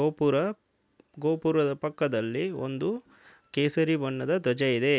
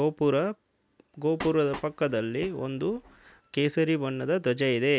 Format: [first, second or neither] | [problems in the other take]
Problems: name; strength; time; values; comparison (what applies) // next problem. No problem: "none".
first | background sound (Train); 16 dB below the speech